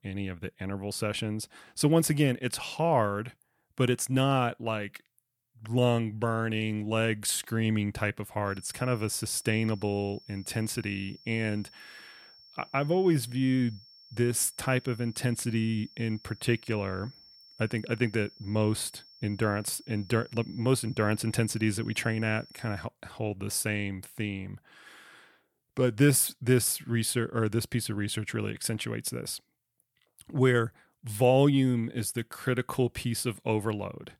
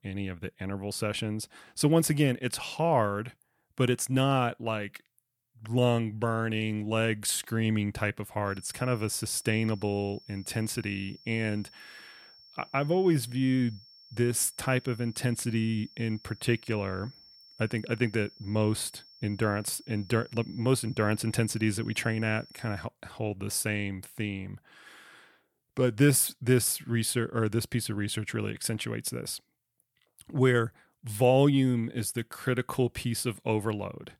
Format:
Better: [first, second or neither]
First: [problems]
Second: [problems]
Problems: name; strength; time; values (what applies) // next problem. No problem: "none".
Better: neither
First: high-pitched whine; faint; from 8.5 to 23 s; 5.5 kHz, 25 dB below the speech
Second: high-pitched whine; faint; from 8.5 to 23 s; 5.5 kHz, 25 dB below the speech